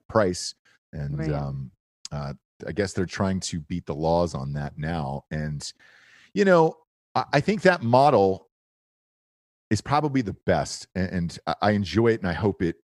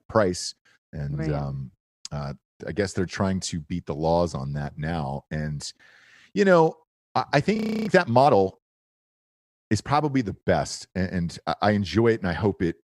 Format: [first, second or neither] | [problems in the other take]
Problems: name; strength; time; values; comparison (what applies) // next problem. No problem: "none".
first | audio freezing; at 7.5 s